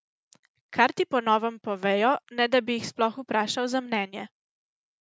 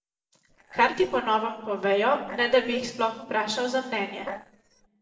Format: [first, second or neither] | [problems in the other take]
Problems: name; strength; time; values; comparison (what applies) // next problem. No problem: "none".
first | noise reduction (neural separator model SepFormer DNS4)